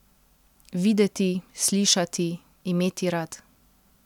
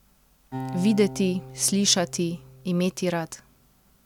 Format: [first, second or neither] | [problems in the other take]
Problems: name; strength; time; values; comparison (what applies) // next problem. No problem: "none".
first | background sound (Acoustic guitar); 14 dB below the speech